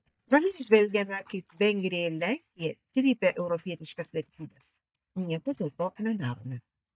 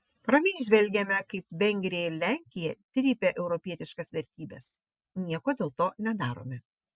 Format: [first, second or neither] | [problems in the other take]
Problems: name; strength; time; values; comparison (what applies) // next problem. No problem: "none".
second | noise reduction (neural mask model DeepFilterNet 3)